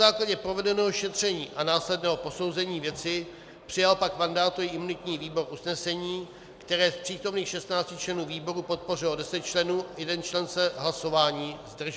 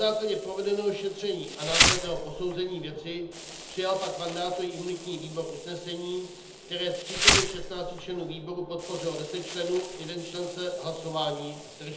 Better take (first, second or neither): first